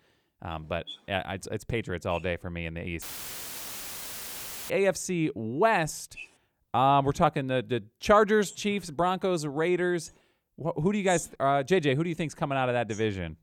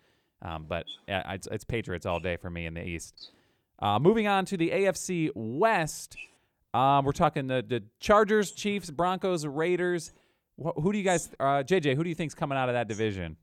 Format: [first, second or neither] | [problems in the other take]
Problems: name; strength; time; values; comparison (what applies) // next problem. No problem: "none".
second | audio cutting out; filled with static; at 3 s for 1.5 s